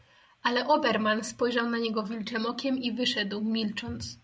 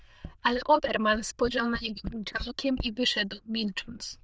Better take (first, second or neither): first